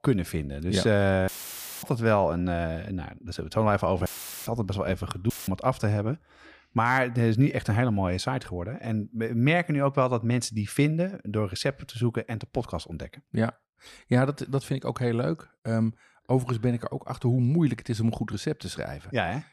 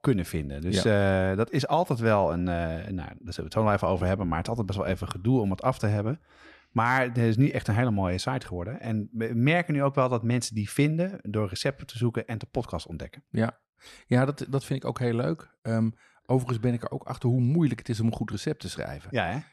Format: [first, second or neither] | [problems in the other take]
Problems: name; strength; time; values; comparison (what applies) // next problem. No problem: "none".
second | audio cutting out; filled with static; at 1.5 s for 0.5 s, at 4 s and at 5.5 s